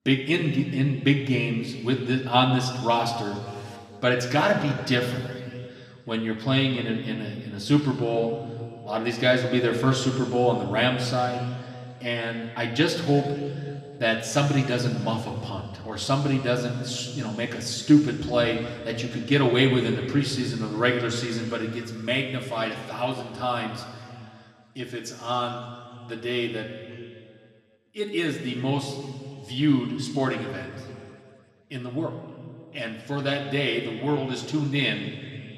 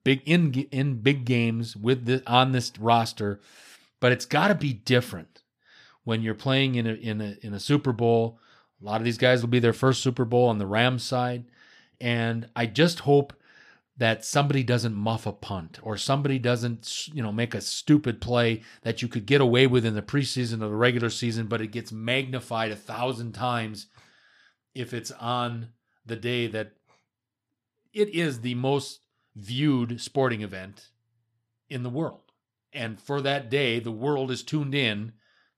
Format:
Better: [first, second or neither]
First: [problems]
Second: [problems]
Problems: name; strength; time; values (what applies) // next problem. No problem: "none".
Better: second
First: room echo; slight; dies away in 2.2 s // off-mic speech; somewhat distant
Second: none